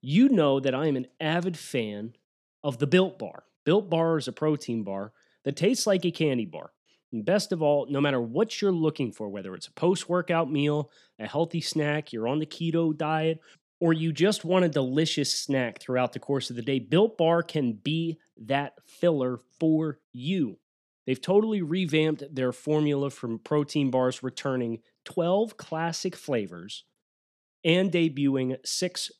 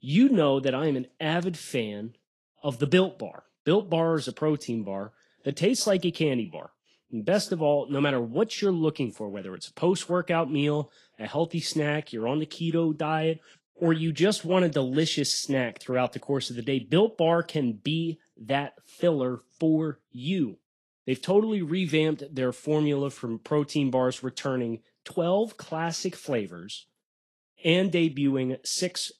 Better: first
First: none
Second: garbled, watery; slightly; nothing above 11.5 kHz

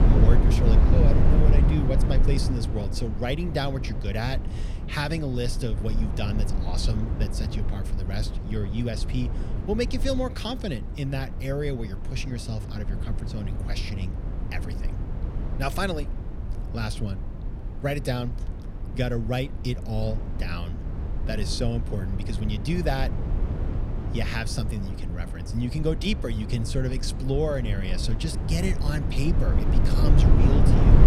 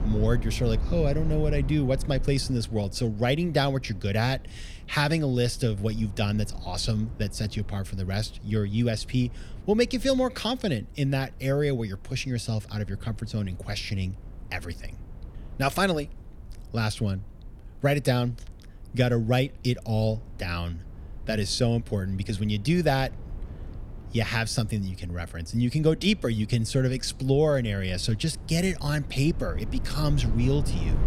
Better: second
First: low rumble; loud; throughout; 6 dB below the speech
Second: low rumble; faint; throughout; 20 dB below the speech

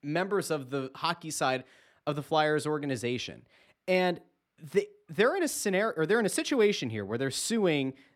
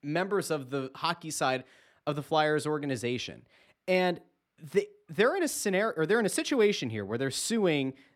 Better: neither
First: none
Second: none

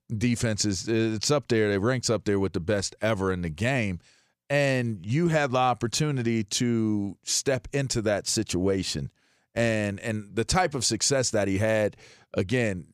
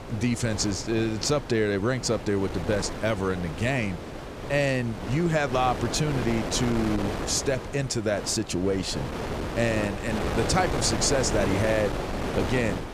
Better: first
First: none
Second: wind noise on the microphone; heavy; 6 dB below the speech

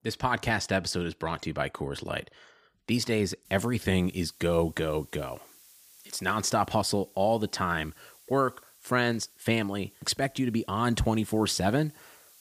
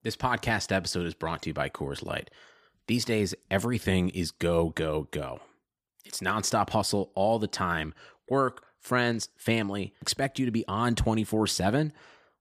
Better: second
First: hiss; faint; from 3.5 s on; 25 dB below the speech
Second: none

